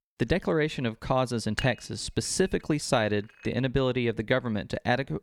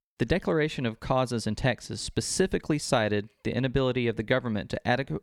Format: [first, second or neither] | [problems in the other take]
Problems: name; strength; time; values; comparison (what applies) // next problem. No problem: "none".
second | clattering dishes; noticeable; at 1.5 s; peak 8 dB below the speech